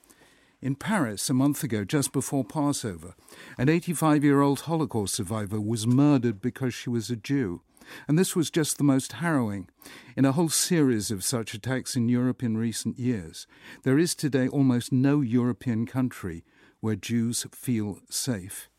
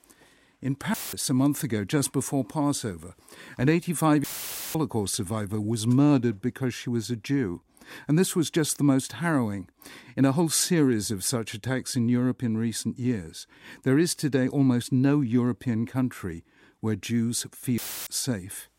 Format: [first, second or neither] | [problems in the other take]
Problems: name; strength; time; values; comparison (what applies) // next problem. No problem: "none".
first | audio cutting out; filled with static; at 1 s, at 4 s for 0.5 s and at 18 s